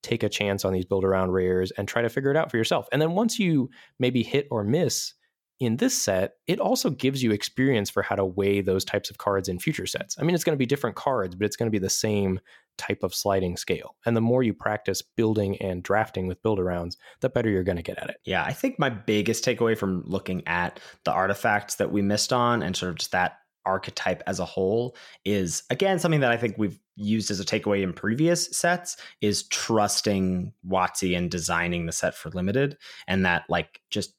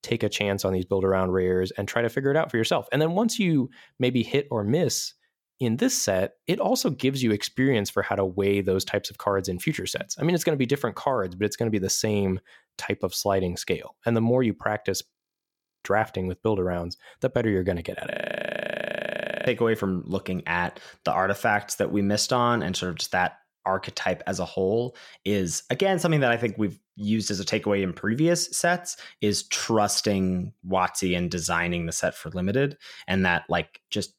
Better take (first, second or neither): first